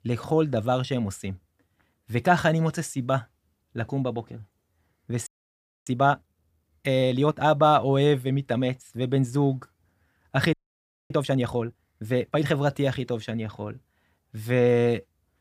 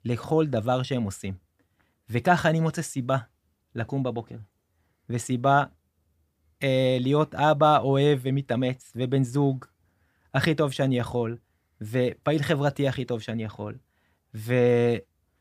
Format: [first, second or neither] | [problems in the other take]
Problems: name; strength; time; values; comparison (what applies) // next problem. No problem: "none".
second | audio freezing; at 5.5 s for 0.5 s and at 11 s for 0.5 s